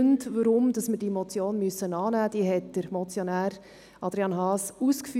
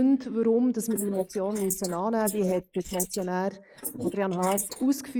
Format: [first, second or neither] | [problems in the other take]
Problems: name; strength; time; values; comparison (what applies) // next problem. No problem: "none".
first | noise reduction (neural mask model Resemble Enhance denoiser)